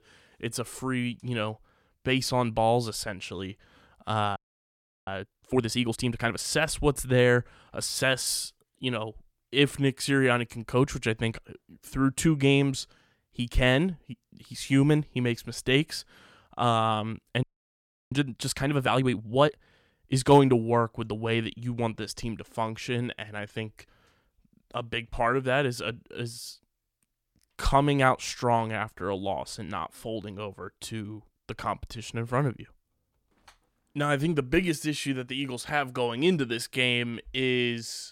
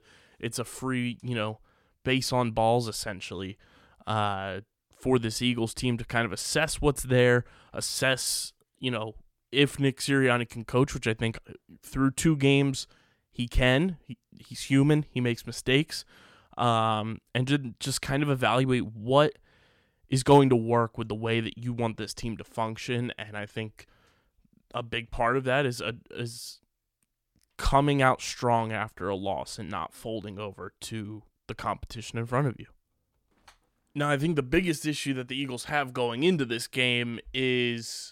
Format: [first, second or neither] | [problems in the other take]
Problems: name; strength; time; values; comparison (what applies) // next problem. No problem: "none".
second | audio freezing; at 4.5 s for 0.5 s and at 17 s for 0.5 s